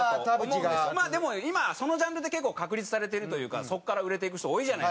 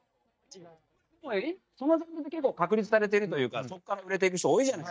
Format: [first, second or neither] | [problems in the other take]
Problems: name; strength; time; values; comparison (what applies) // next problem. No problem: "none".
first | noise reduction (neural mask model DeepFilterNet 3)